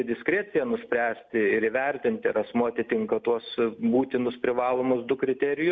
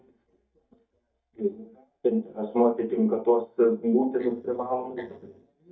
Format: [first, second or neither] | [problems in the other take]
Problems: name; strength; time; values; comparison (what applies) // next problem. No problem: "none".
first | noise reduction (neural mask model DeepFilterNet 3)